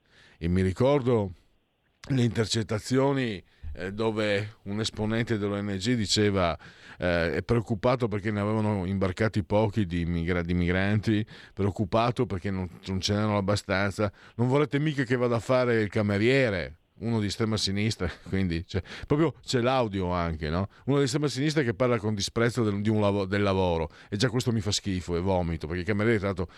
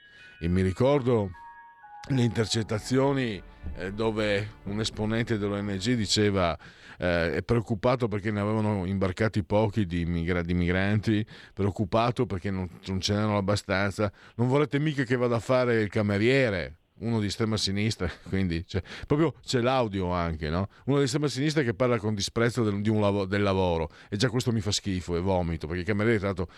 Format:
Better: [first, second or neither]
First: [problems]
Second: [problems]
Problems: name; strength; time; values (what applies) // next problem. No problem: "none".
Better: first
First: none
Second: background music; faint; until 6 s; 20 dB below the speech